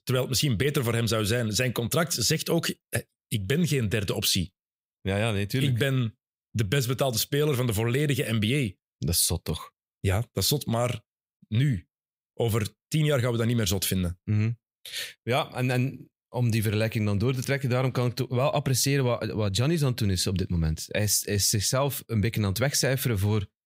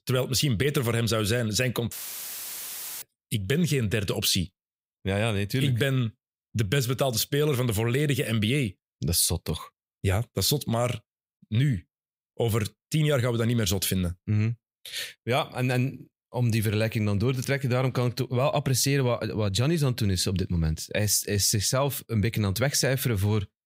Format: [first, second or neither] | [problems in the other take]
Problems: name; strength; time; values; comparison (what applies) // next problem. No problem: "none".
first | audio cutting out; filled with static; at 2 s for 1 s